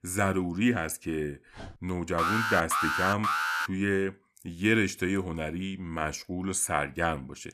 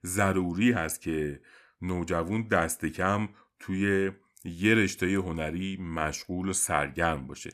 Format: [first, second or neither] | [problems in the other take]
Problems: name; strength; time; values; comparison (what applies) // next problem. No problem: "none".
second | dog barking; faint; at 1.5 s; peak 15 dB below the speech // alarm; loud; from 2 to 3.5 s; peak 2 dB above the speech